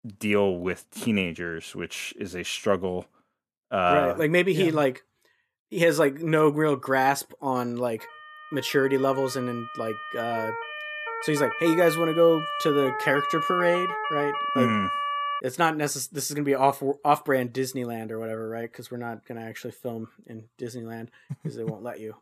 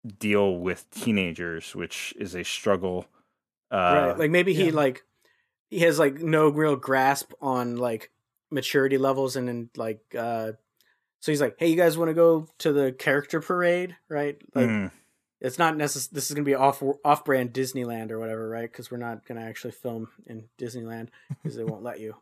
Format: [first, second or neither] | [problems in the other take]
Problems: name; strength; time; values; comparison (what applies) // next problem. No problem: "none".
second | siren; noticeable; from 8 to 15 s; peak 1 dB below the speech